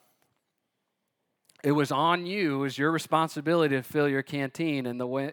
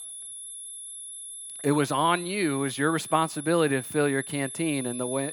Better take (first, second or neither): first